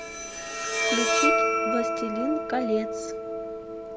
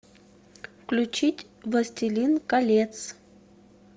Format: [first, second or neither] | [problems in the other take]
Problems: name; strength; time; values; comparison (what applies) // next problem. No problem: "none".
second | background sound (Bowed string instrument); 5 dB above the speech